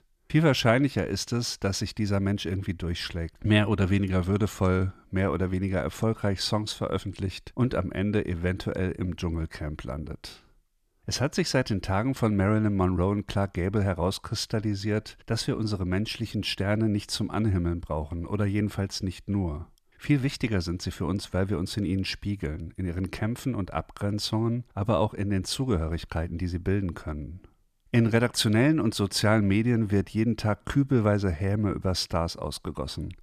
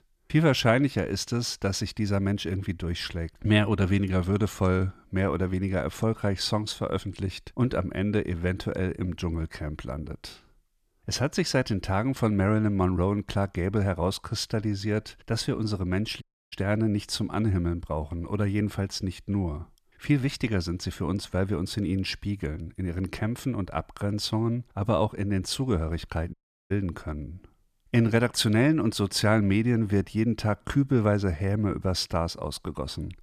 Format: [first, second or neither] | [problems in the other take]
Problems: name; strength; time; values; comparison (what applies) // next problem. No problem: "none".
first | audio cutting out; at 16 s and at 26 s